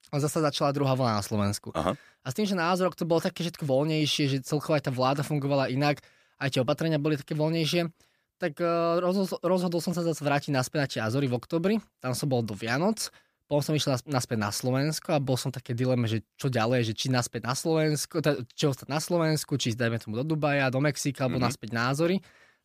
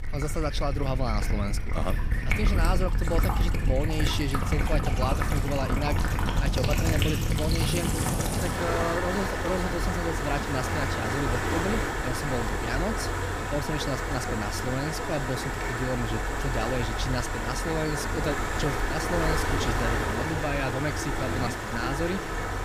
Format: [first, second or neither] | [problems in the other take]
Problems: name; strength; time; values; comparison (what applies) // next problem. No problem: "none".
first | rain or running water; very loud; throughout; 3 dB above the speech